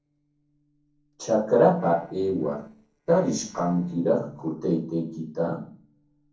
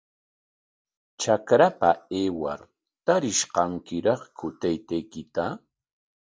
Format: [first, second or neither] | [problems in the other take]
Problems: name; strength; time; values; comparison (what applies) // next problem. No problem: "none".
second | noise reduction (neural separator model SepFormer DNS4)